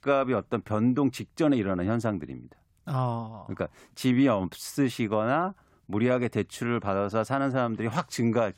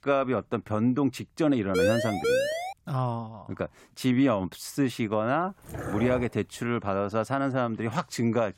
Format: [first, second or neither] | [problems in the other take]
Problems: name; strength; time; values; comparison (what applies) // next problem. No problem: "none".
first | siren; loud; at 1.5 s; peak 2 dB above the speech // dog barking; noticeable; at 5.5 s; peak 6 dB below the speech